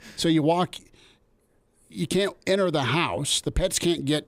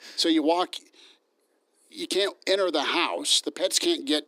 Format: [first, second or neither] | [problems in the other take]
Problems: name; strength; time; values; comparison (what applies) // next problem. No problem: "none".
first | thin; somewhat; fading below 300 Hz